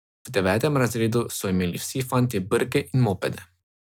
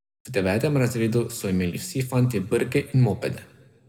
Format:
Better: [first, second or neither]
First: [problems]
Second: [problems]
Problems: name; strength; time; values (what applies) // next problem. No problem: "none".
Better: first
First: none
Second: room echo; dies away in 1 s